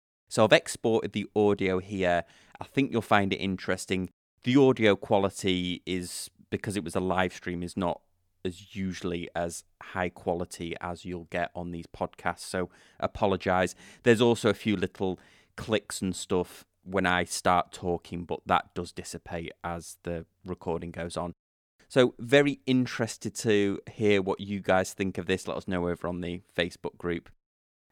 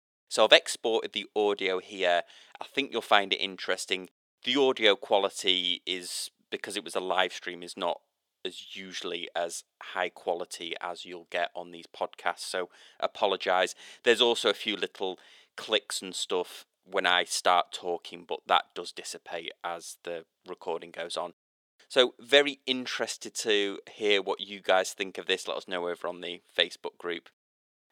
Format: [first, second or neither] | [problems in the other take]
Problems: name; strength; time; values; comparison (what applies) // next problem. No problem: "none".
first | thin; somewhat; fading below 500 Hz